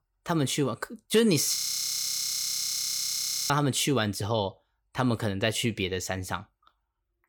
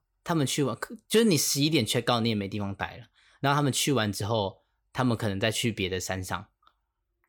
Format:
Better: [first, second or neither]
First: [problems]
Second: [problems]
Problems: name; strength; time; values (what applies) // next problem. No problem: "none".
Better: second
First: audio freezing; at 1.5 s for 2 s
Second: none